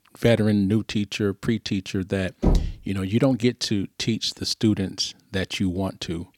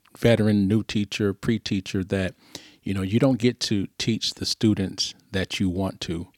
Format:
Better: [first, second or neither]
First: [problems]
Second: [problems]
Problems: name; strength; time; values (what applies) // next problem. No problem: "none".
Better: second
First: door banging; loud; at 2.5 s; peak 1 dB above the speech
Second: none